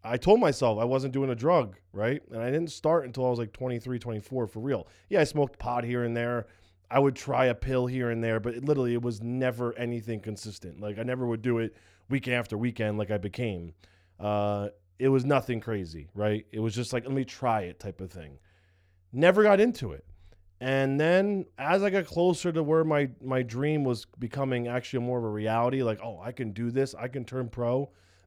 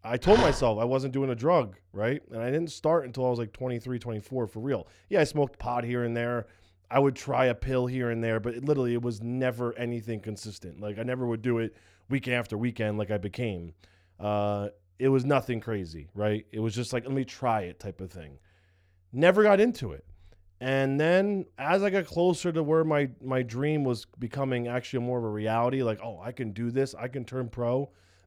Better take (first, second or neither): first